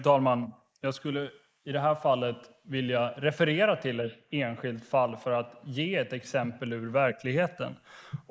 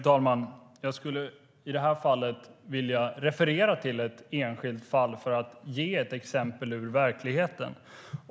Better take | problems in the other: second | noise reduction (neural mask model Resemble Enhance denoiser)

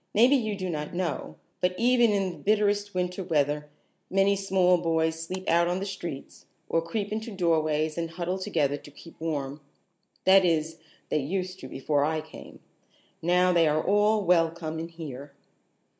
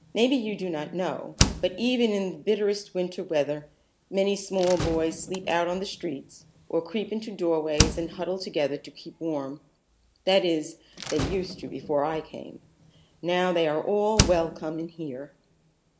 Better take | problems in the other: first | background sound (Slam); 7 dB below the speech

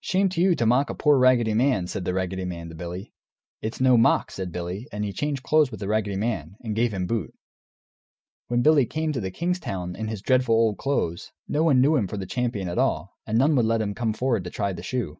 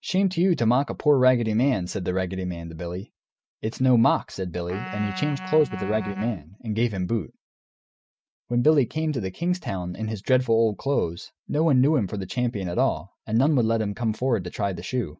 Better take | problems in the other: first | noise reduction (neural mask model RNNoise)

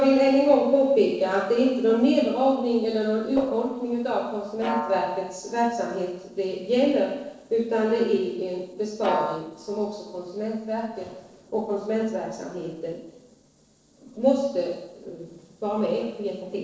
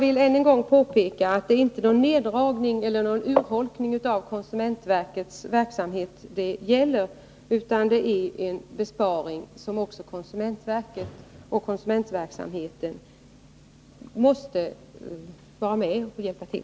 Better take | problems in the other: second | noise reduction (neural separator model SepFormer DNS4)

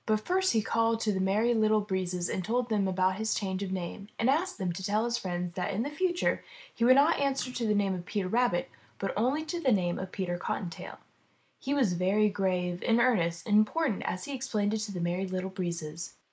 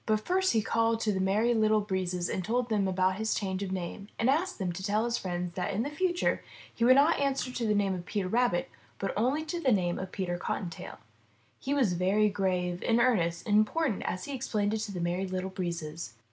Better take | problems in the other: second | noise reduction (neural mask model Resemble Enhance denoiser)

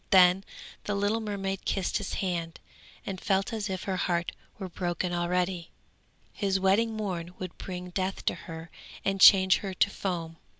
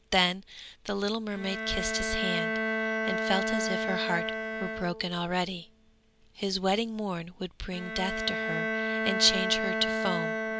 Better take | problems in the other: first | background sound (Bowed string instrument); 1 dB below the speech

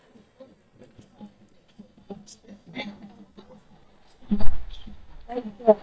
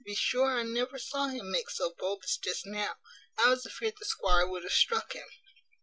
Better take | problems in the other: second | noise reduction (neural mask model DeepFilterNet 3)

